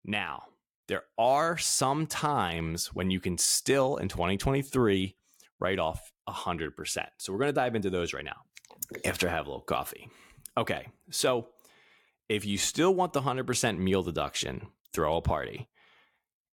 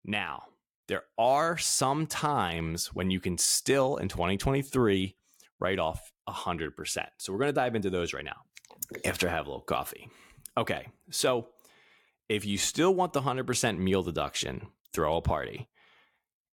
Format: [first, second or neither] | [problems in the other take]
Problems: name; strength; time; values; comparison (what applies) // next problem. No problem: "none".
neither | none